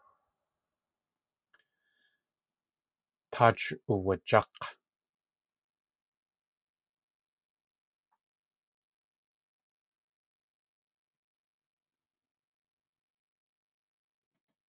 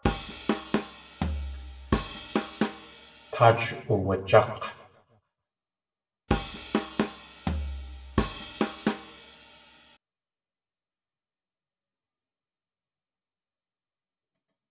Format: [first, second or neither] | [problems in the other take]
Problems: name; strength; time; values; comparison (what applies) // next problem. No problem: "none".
first | background sound (Drum kit); 1 dB above the speech // room echo; dies away in 0.7 s